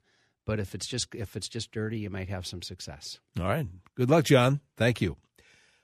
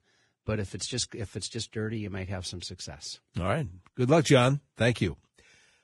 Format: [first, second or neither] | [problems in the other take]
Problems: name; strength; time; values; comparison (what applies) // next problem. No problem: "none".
first | garbled, watery; badly; nothing above 10 kHz